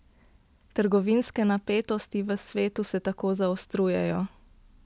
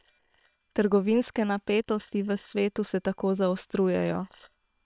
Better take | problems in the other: first | noise reduction (neural separator model SepFormer WHAM!)

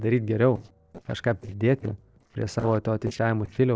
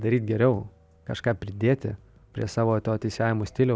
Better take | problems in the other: second | noise reduction (neural separator model SepFormer DNS4)

